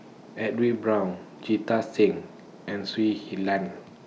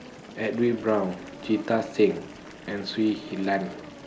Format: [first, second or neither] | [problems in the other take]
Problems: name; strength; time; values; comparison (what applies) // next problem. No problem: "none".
first | background sound (Insect + Fill (with liquid) / Bathtub (filling or washing) / Water tap, faucet); 17 dB below the speech